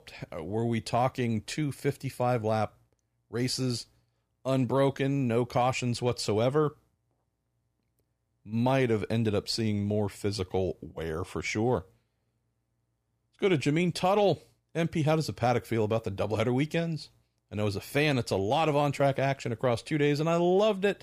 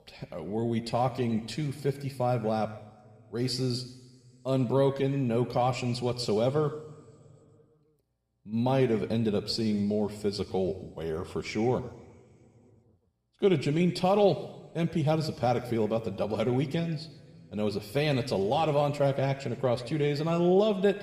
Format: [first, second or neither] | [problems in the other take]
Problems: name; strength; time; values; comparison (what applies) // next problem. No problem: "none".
first | room echo; very slight; dies away in 1.7 s